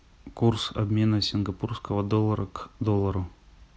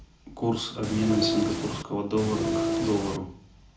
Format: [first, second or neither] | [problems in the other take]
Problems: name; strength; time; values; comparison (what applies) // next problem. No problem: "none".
first | background sound (Train); 1 dB above the speech // room echo; dies away in 0.4 s